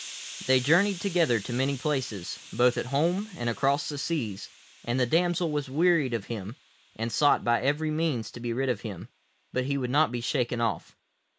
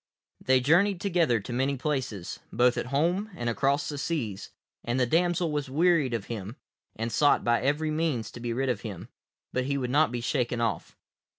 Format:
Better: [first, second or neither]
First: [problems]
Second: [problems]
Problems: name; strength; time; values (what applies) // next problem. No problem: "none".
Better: second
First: background sound (Hiss); 20 dB below the speech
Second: none